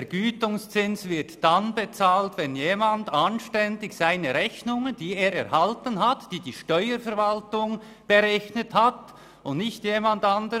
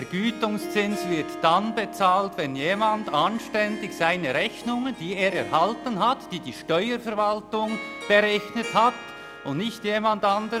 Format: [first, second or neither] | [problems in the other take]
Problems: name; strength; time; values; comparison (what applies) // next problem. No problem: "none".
first | background sound (Harp); 13 dB below the speech